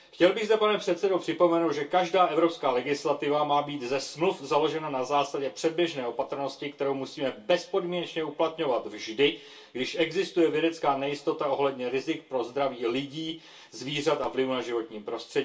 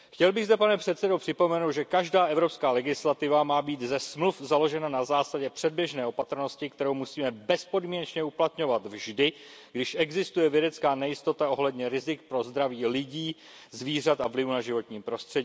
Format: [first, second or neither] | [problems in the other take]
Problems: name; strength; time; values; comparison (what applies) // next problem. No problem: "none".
second | room echo; dies away in 0.2 s